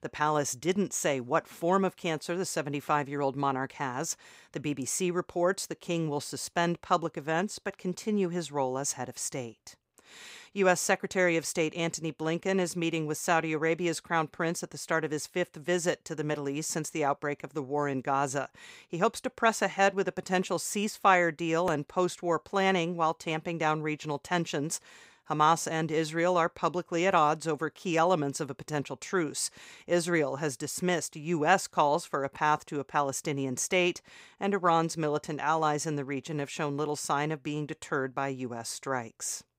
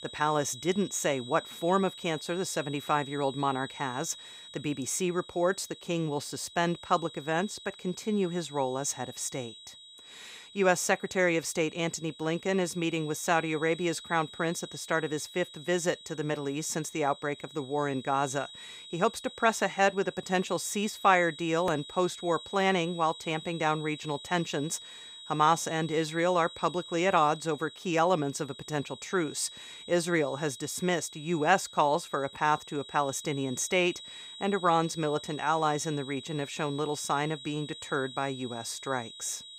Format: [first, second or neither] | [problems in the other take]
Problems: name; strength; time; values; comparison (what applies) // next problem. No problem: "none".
first | high-pitched whine; noticeable; throughout; 4 kHz, 15 dB below the speech